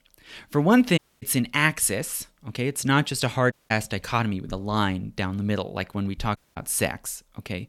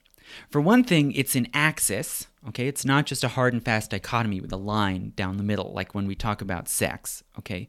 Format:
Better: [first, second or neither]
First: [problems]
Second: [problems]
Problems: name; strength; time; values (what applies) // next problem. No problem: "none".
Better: second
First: audio cutting out; at 1 s, at 3.5 s and at 6.5 s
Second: none